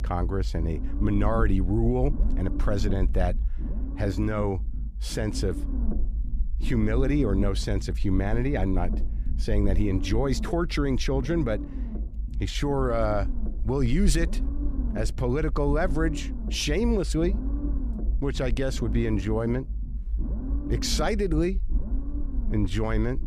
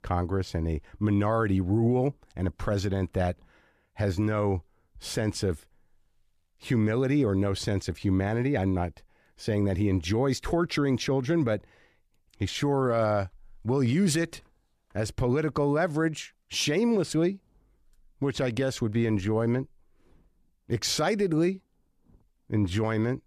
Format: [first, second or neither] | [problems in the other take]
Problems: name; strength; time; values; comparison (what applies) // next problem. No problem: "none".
second | low rumble; noticeable; throughout; 15 dB below the speech